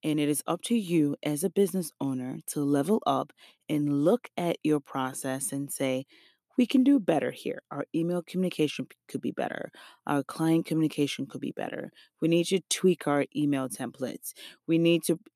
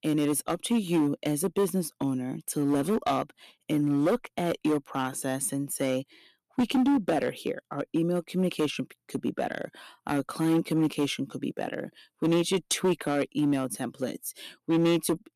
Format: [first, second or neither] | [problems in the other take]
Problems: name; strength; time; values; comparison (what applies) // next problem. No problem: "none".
first | distortion; slight; 7% of the sound clipped